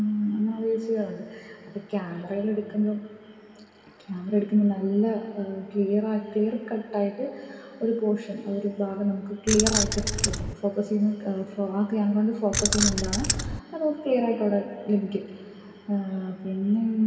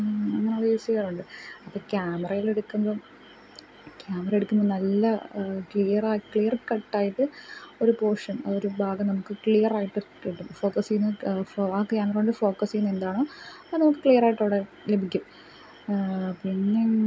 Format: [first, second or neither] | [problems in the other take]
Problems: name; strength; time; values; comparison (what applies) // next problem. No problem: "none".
second | background sound (Keys jangling); 1 dB above the speech // room echo; dies away in 2.2 s